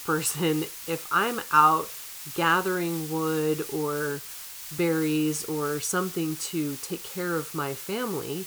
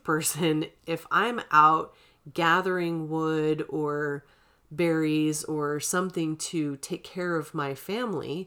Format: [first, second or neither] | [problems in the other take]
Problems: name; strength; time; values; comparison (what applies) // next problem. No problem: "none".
second | hiss; loud; throughout; 9 dB below the speech